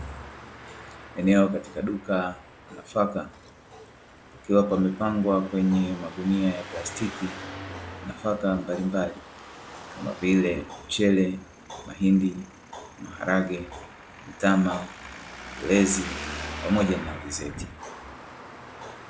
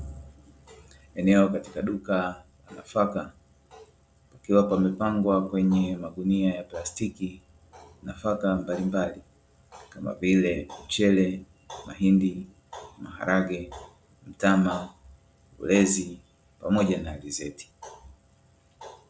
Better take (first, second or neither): second